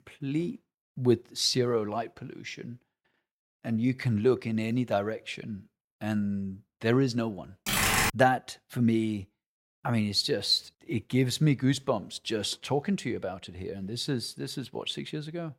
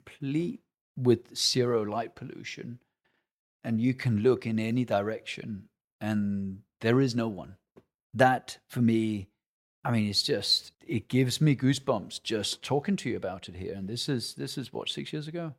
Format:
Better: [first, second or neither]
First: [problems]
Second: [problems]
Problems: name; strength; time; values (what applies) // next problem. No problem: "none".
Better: second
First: keyboard typing; loud; at 7.5 s; peak 6 dB above the speech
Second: none